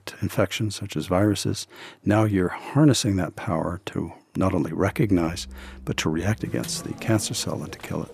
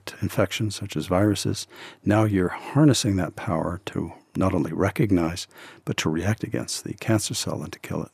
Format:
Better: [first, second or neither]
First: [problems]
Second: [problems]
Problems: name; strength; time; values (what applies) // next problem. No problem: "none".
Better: second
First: background music; noticeable; from 5 s on; 15 dB below the speech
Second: none